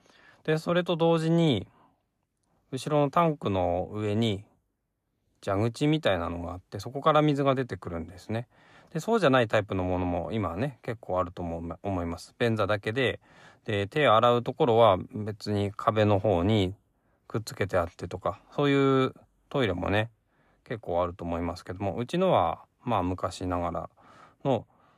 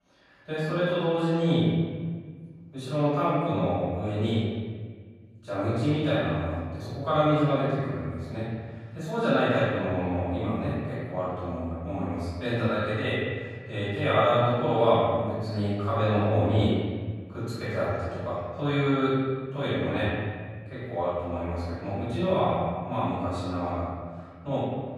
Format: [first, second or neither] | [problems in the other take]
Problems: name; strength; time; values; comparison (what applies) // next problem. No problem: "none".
first | off-mic speech; far // room echo; strong; dies away in 1.7 s